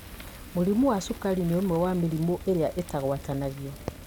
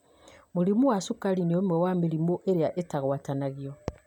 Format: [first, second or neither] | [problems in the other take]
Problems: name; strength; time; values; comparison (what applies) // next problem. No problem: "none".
second | background sound (Fire); 15 dB below the speech